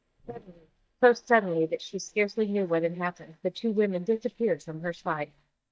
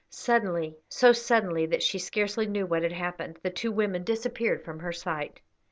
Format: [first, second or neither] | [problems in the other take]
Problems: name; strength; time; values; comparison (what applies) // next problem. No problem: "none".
second | noise reduction (neural mask model DeepFilterNet 3)